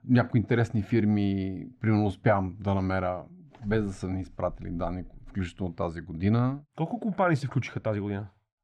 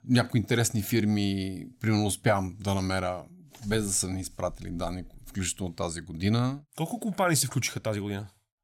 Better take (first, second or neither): second